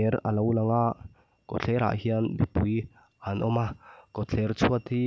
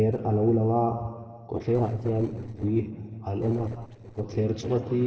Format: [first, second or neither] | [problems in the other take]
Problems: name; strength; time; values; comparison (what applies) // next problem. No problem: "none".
first | noise reduction (neural separator model SepFormer DNS4)